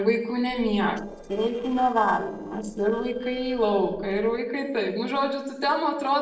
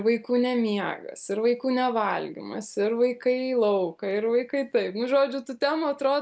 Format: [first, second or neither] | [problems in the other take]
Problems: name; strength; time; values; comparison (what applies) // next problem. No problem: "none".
second | noise reduction (neural separator model SepFormer DNS4)